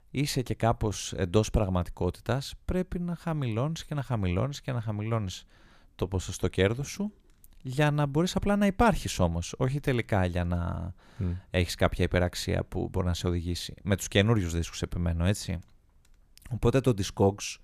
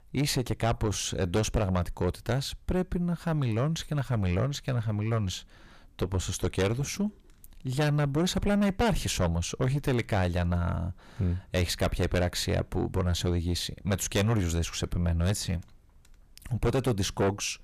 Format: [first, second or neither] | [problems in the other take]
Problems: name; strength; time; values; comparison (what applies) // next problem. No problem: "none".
first | distortion; heavy; 7 dB below the speech